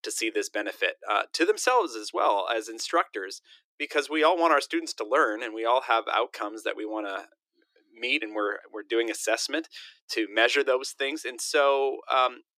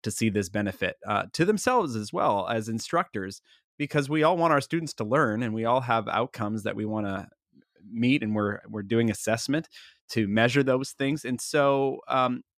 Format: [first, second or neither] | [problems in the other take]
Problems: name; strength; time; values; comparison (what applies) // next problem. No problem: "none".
second | thin; very; fading below 300 Hz